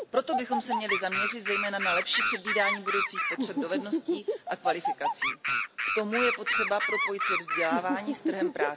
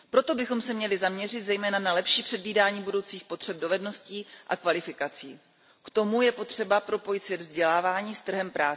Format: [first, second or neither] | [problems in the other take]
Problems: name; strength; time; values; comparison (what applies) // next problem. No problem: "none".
second | background sound (Animal); 2 dB above the speech